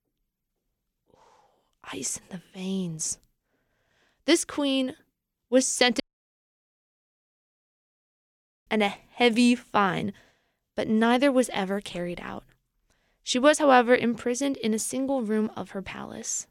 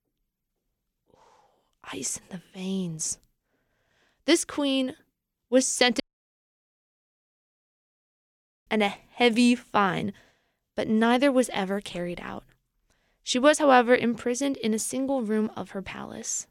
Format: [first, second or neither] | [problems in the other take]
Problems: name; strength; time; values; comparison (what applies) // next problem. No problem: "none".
neither | audio cutting out; at 6 s for 2.5 s; the same in both